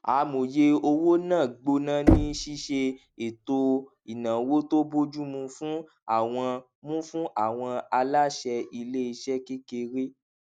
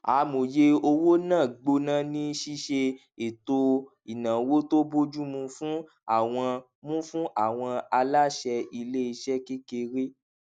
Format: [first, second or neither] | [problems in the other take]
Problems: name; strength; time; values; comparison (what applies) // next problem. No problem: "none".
second | background sound (Knock); 1 dB below the speech